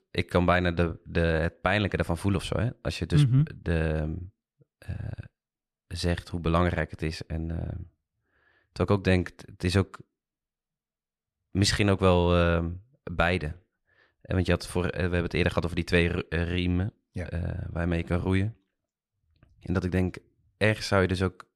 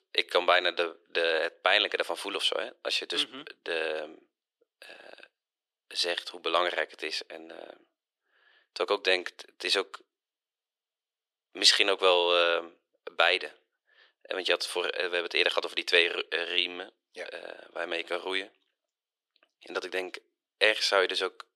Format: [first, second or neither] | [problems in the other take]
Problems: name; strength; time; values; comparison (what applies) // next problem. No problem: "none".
first | thin; very; fading below 400 Hz